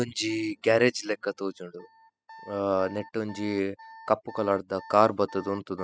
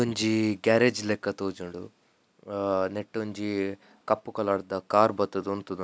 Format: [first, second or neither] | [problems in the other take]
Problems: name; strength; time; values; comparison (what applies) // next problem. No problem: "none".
second | noise reduction (classical method spectral subtraction)